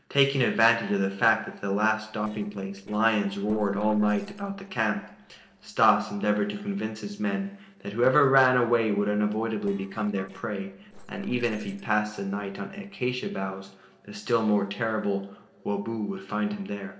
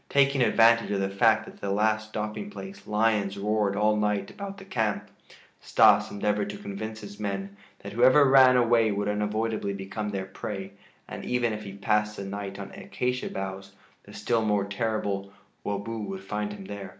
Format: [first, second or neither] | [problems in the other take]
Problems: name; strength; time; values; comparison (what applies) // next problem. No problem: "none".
second | noise reduction (neural separator model SepFormer DNS4)